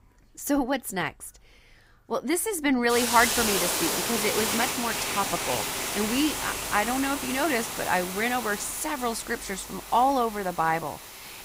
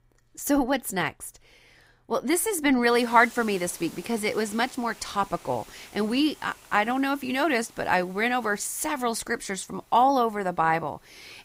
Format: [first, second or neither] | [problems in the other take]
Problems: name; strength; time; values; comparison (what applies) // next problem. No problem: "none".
second | hiss; loud; throughout; 1 dB below the speech; faint in the second